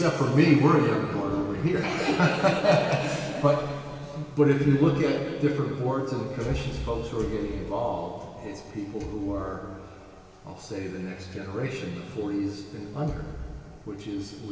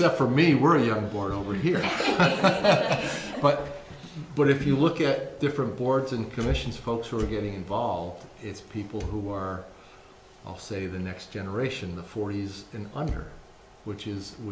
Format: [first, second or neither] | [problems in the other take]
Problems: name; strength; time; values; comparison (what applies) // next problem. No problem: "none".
second | room echo; dies away in 2.4 s